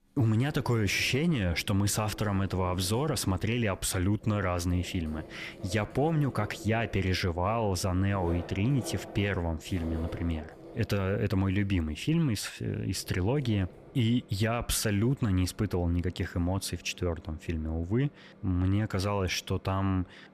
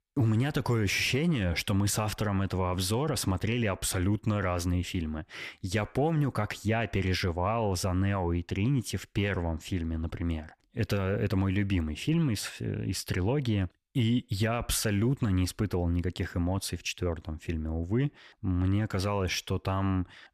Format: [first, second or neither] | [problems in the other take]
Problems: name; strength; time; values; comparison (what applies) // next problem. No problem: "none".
second | household noises; noticeable; throughout; 20 dB below the speech